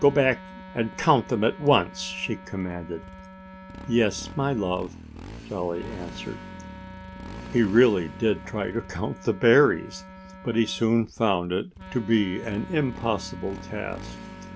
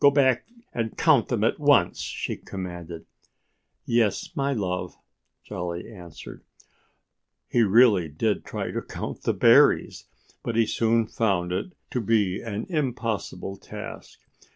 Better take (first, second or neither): second